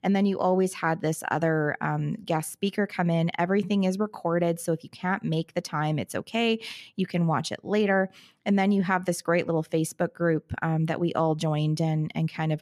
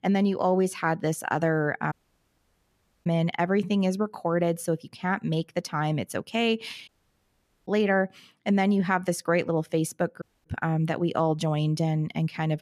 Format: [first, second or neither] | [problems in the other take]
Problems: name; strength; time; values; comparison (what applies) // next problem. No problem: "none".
first | audio cutting out; at 2 s for 1 s, at 7 s for 1 s and at 10 s